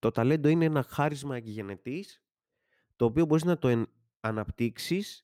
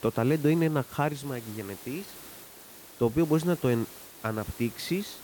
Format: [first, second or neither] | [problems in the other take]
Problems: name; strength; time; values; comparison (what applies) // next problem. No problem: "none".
first | hiss; noticeable; throughout; 15 dB below the speech